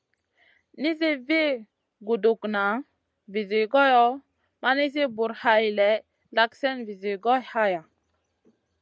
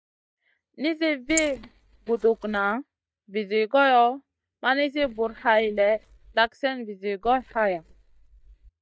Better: first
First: none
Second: noise reduction (neural mask model DeepFilterNet 3)

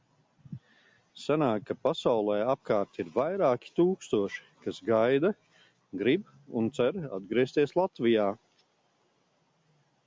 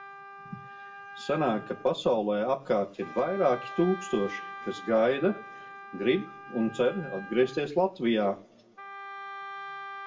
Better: first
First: none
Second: background sound (Wind instrument, woodwind instrument); 14 dB below the speech // room echo; dies away in 0.4 s

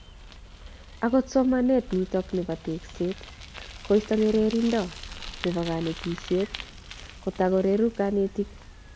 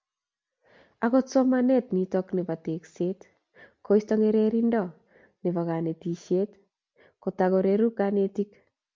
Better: second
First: background sound (Bicycle); 15 dB below the speech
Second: none

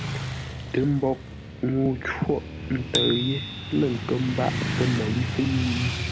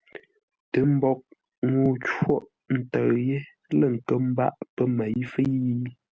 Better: second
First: background sound (Motorcycle / Traffic noise, roadway noise + Bicycle bell); 3 dB below the speech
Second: none

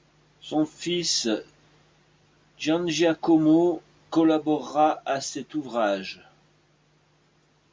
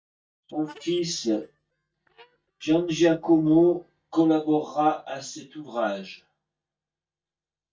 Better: first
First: none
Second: noise reduction (neural mask model DeepFilterNet 3)

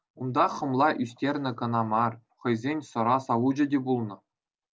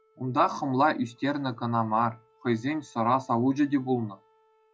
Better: first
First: none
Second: noise reduction (classical method log-MMSE)

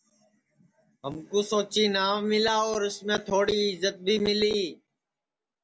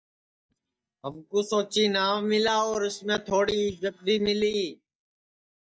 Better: first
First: none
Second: noise reduction (neural mask model DeepFilterNet 3)

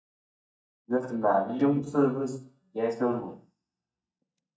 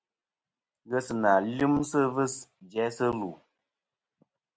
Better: second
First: noise reduction (neural mask model DeepFilterNet 3)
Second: none

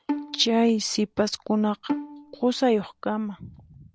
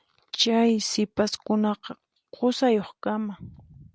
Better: second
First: background sound (Bowed string instrument); 11 dB below the speech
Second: none

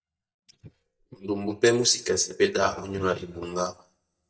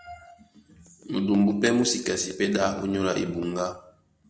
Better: second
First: noise reduction (neural mask model DeepFilterNet 3)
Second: none

